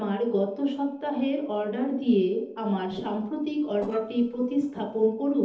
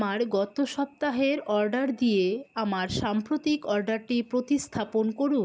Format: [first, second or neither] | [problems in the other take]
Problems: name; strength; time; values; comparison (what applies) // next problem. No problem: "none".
second | noise reduction (neural separator model SepFormer DNS4)